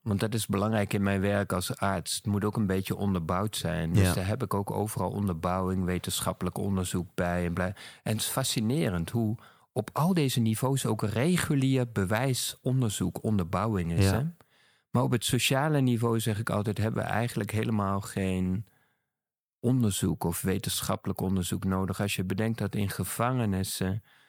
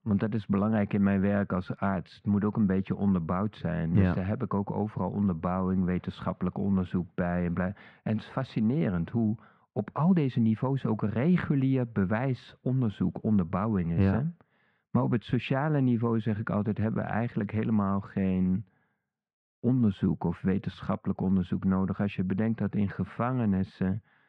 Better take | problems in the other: first | muffled; very; fading above 2 kHz

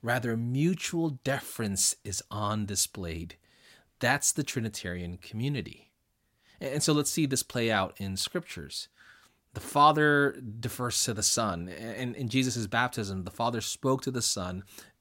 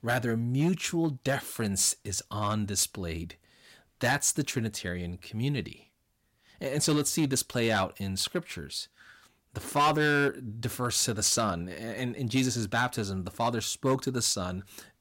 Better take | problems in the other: first | distortion; slight; 3% of the sound clipped

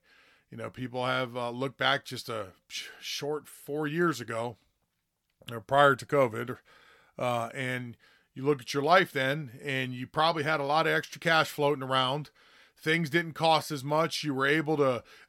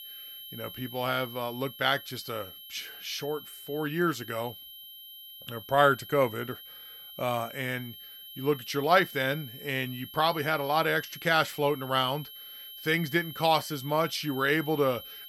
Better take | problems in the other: first | high-pitched whine; noticeable; throughout; 3 kHz, 15 dB below the speech

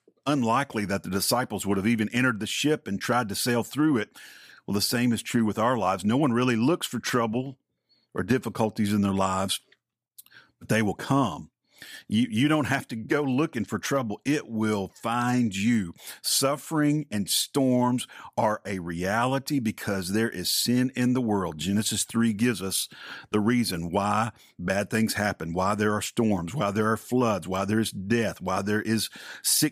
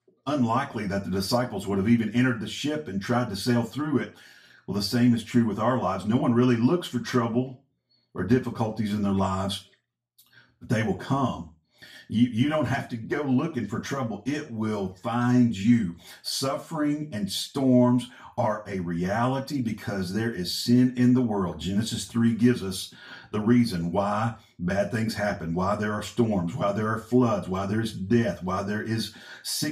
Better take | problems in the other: first | room echo; very slight; dies away in 0.3 s // off-mic speech; far

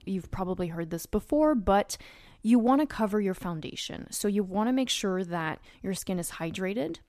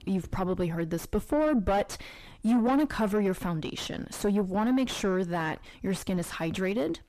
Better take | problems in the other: first | distortion; heavy; 5 dB below the speech

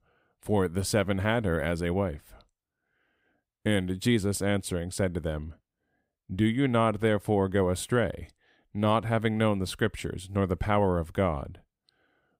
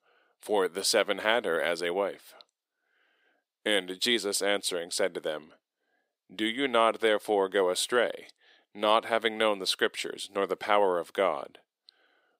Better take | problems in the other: first | thin; very; fading below 350 Hz

